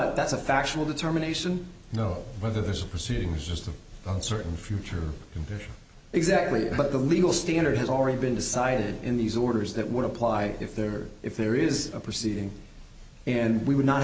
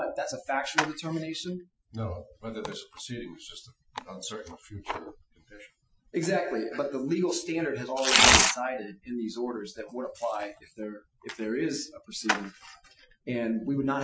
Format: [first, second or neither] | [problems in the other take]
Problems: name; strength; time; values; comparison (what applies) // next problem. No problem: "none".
first | noise reduction (classical method Wiener filter)